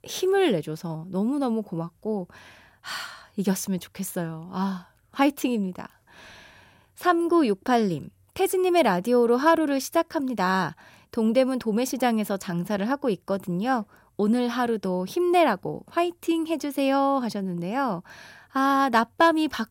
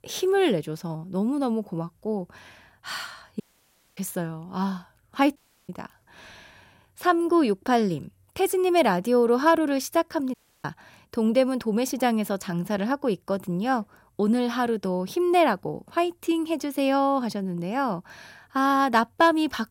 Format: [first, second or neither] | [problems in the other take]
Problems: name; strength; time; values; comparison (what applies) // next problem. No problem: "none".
first | audio cutting out; at 3.5 s for 0.5 s, at 5.5 s and at 10 s